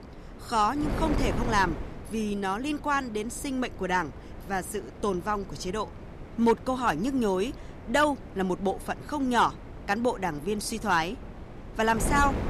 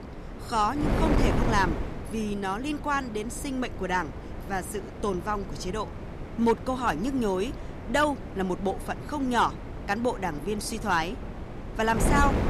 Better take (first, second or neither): first